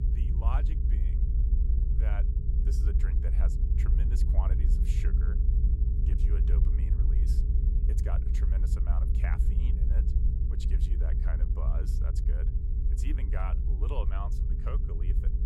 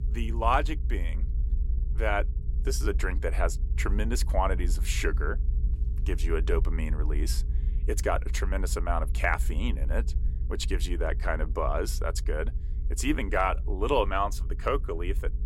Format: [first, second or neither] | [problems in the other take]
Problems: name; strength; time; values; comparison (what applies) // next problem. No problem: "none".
second | low rumble; loud; throughout; 1 dB below the speech; faint in the second